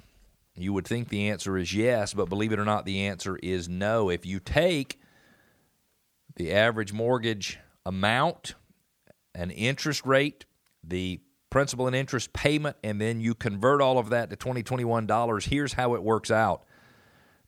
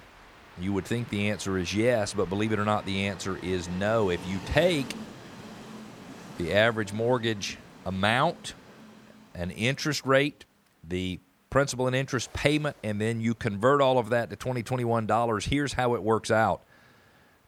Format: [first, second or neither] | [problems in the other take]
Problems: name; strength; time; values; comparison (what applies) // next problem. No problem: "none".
first | train or aircraft noise; noticeable; throughout; 20 dB below the speech